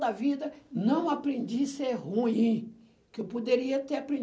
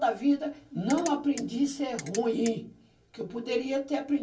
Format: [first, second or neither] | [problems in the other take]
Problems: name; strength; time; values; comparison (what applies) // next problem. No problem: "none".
first | background sound (Ratchet, pawl); 14 dB below the speech // room echo; dies away in 0.1 s